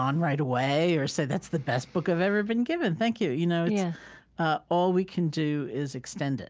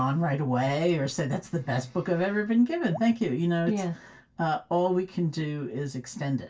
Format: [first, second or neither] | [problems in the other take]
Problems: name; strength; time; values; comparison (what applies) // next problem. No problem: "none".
first | background sound (Raindrop / Drip); 16 dB below the speech // room echo; dies away in 0.2 s